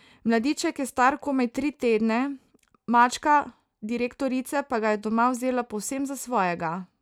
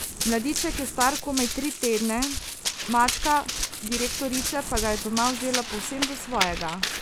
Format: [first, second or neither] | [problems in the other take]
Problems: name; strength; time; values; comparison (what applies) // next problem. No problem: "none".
first | background sound (Run); 3 dB below the speech